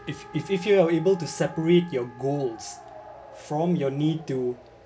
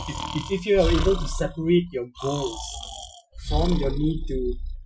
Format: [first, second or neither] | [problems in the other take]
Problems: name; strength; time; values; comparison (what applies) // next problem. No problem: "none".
first | noise reduction (classical method Wiener filter)